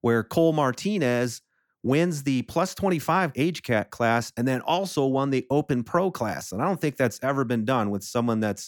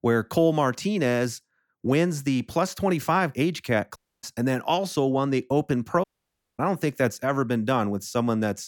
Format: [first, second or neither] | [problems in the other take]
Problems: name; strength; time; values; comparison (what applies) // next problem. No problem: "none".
first | audio cutting out; at 4 s and at 6 s for 0.5 s